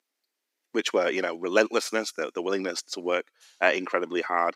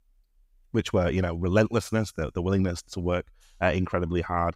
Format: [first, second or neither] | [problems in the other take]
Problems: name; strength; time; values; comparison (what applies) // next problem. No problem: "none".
second | thin; somewhat; fading below 300 Hz